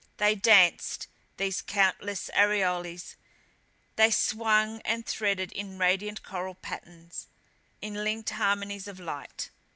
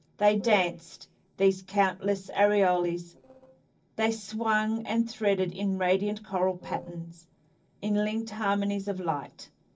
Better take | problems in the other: first | noise reduction (neural separator model SepFormer DNS4)

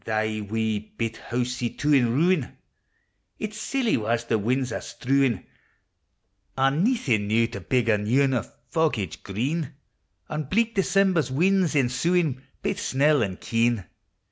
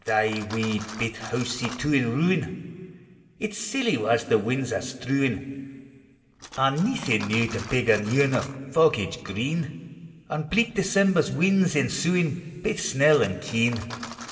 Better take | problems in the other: first | background sound (Cutlery, silverware); 19 dB below the speech // room echo; dies away in 1.8 s

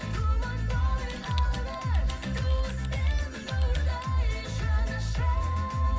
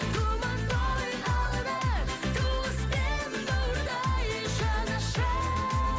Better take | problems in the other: second | background sound (Typing); 19 dB below the speech // room echo; dies away in 0.4 s

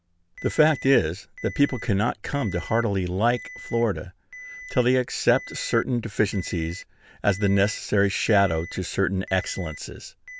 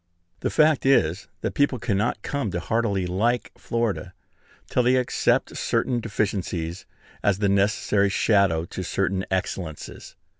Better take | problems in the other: second | background sound (Alarm); 18 dB below the speech

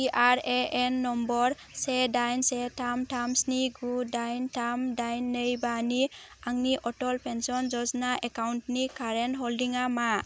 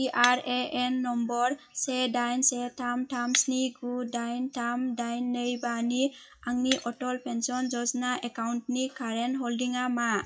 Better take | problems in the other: first | noise reduction (classical method WPE with log-MMSE)

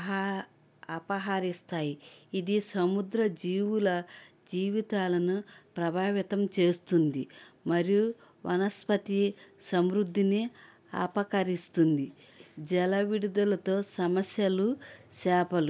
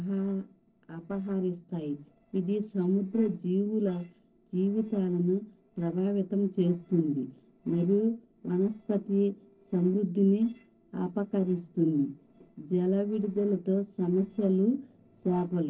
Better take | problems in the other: first | noise reduction (neural separator model SepFormer DNS4)

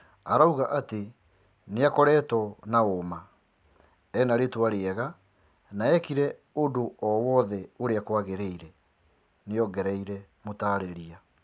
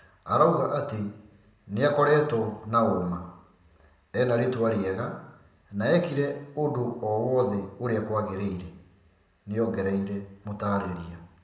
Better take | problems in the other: first | room echo; dies away in 0.7 s

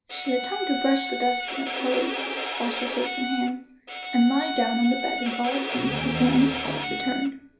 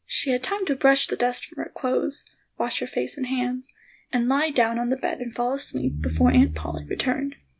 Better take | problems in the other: second | background sound (Bowed string instrument); 5 dB below the speech // room echo; dies away in 0.5 s

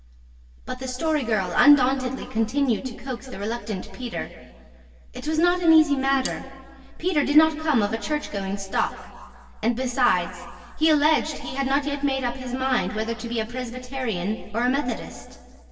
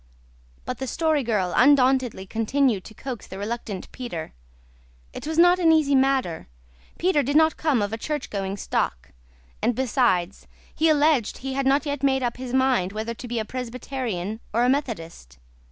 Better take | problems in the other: second | background sound (Cutlery, silverware); 15 dB below the speech // room echo; dies away in 1.9 s

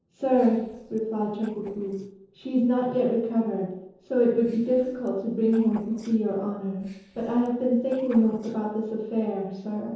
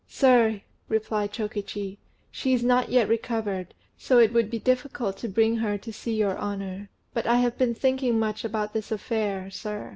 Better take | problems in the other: second | noise reduction (neural separator model SepFormer DNS4)

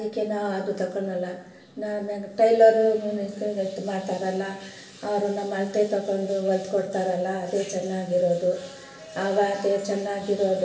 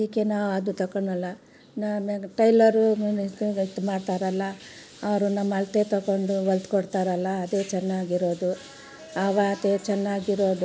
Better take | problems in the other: second | room echo; dies away in 1 s

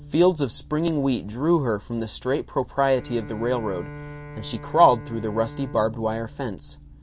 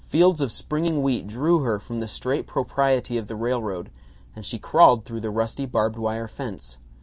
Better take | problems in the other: second | background sound (Bowed string instrument); 17 dB below the speech

